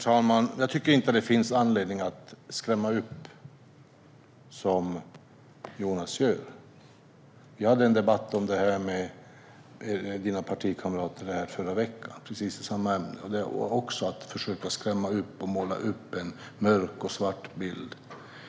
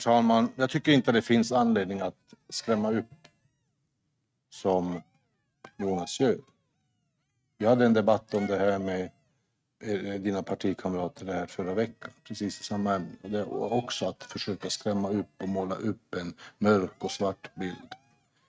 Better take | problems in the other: first | noise reduction (neural mask model RNNoise)

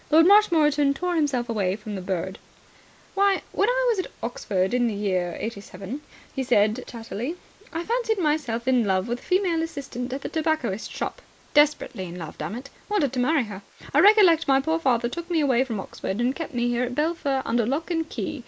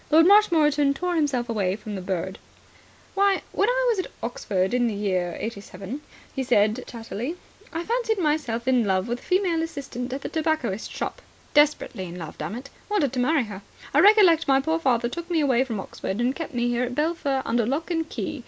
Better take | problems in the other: second | noise reduction (neural mask model Resemble Enhance denoiser)

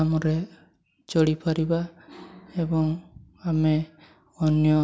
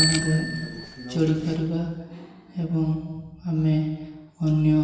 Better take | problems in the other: first | background sound (Bicycle bell); 8 dB below the speech // room echo; dies away in 1.2 s

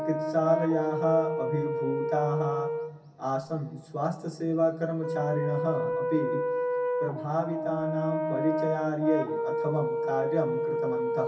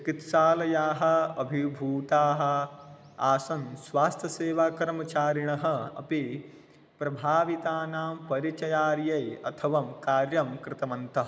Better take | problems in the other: second | background sound (Brass instrument); 1 dB below the speech // room echo; dies away in 0.3 s

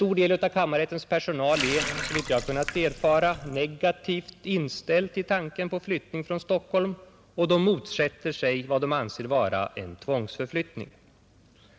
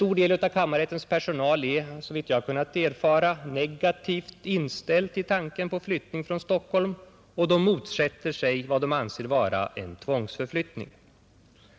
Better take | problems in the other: second | background sound (Water tap, faucet); 7 dB below the speech

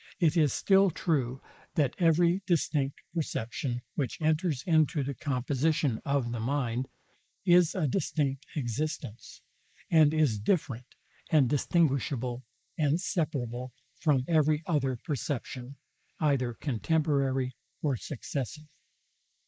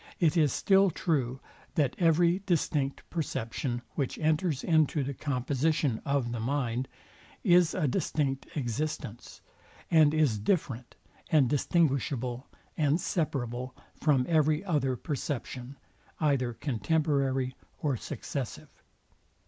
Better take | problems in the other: second | noise reduction (neural mask model Resemble Enhance denoiser)

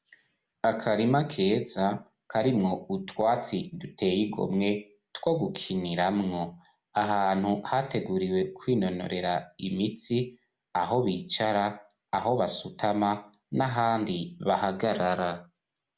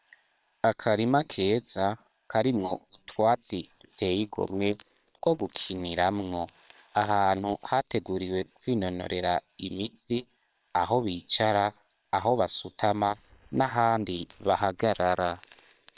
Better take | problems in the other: first | noise reduction (neural separator model SepFormer WHAM!)

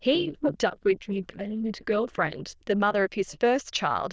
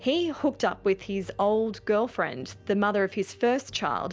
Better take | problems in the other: second | noise reduction (neural diffusion model UNIVERSE++)

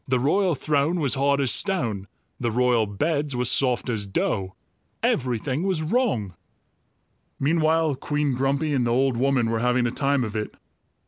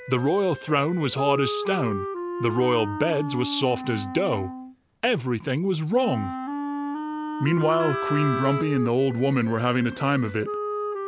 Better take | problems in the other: first | background sound (Wind instrument, woodwind instrument + Wind instrument, woodwind instrument); 7 dB below the speech

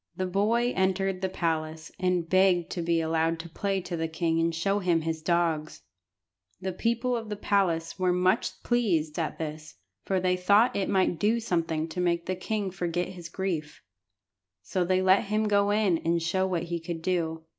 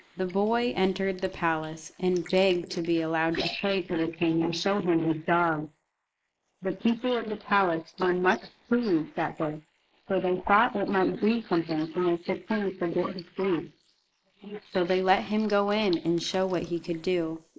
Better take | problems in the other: first | noise reduction (neural mask model Resemble Enhance denoiser)

